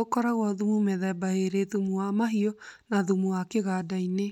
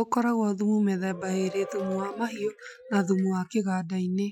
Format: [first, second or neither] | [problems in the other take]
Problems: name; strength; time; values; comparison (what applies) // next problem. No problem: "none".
first | noise reduction (classical method Wiener filter)